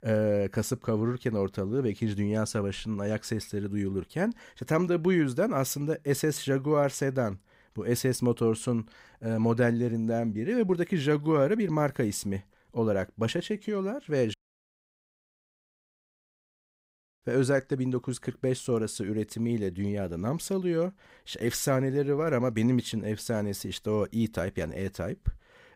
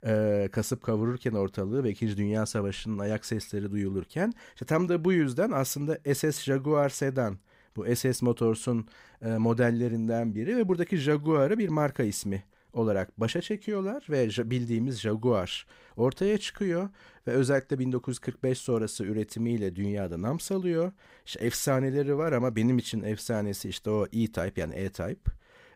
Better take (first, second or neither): second